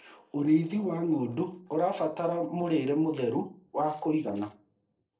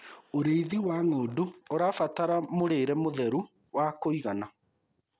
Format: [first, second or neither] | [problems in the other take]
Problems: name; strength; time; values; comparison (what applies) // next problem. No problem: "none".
second | noise reduction (neural separator model SepFormer DNS4)